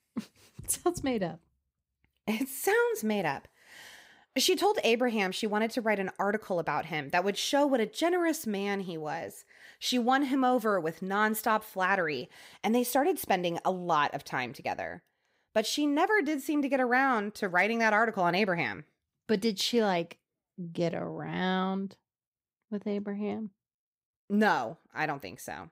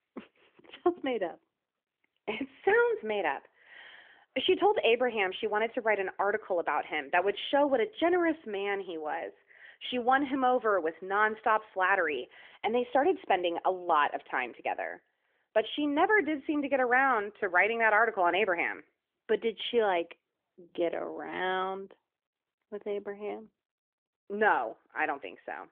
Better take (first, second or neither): first